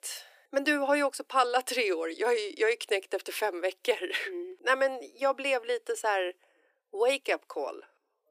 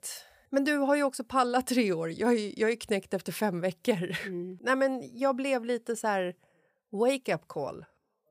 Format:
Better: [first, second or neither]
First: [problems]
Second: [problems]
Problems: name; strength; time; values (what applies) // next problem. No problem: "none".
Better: second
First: thin; somewhat; fading below 300 Hz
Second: none